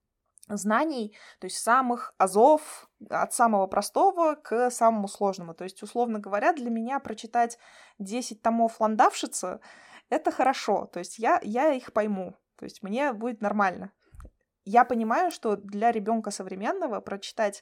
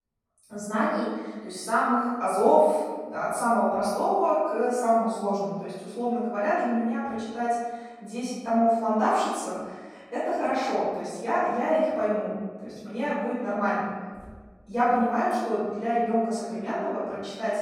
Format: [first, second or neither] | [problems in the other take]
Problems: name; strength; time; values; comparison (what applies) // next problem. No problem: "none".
first | off-mic speech; far // room echo; strong; dies away in 1.3 s